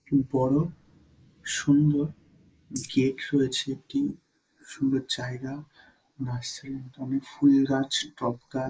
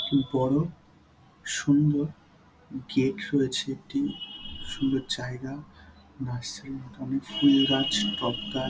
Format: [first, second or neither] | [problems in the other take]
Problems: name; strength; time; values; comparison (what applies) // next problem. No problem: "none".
second | noise reduction (neural mask model Resemble Enhance denoiser)